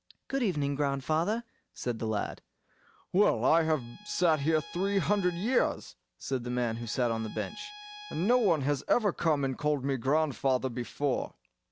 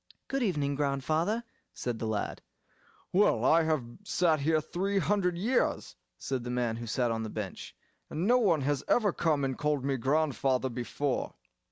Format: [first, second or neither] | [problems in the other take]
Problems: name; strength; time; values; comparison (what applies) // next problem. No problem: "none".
second | background sound (Bowed string instrument); 19 dB below the speech